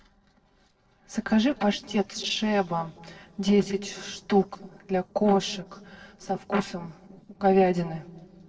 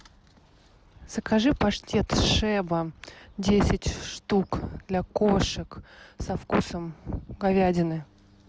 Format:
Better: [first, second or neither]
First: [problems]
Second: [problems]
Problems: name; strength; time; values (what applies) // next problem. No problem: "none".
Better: second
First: noise reduction (neural separator model SepFormer DNS4)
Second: none